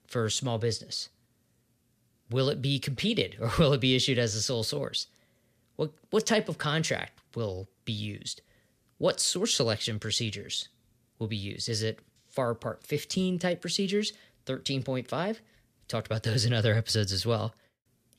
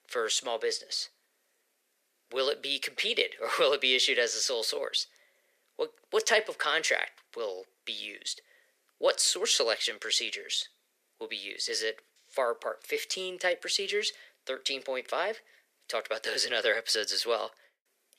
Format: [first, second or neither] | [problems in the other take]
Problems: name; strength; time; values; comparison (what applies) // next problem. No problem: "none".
first | thin; very; fading below 400 Hz